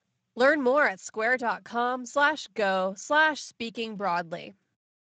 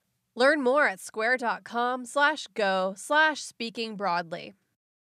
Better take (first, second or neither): second